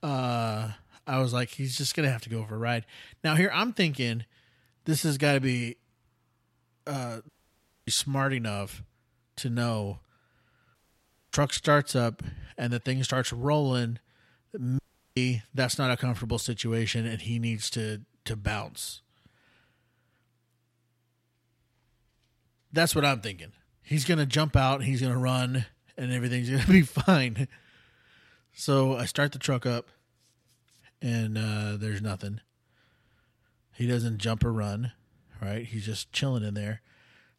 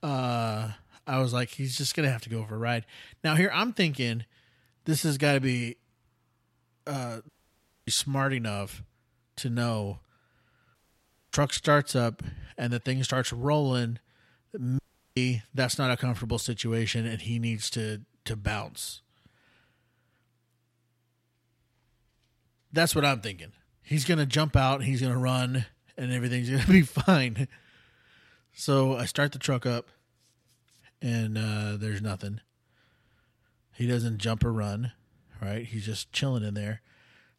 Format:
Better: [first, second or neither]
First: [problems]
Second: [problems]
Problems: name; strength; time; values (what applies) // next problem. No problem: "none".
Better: neither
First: audio cutting out; at 7.5 s for 0.5 s, at 11 s for 0.5 s and at 15 s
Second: audio cutting out; at 7.5 s for 0.5 s, at 11 s for 0.5 s and at 15 s